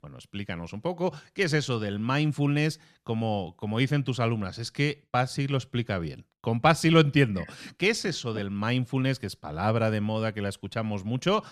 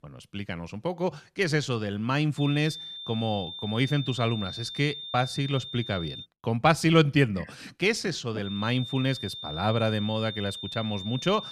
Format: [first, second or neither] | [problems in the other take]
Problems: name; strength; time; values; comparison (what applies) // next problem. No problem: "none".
first | high-pitched whine; loud; from 2.5 to 6 s and from 8.5 s on; 3.5 kHz, 9 dB below the speech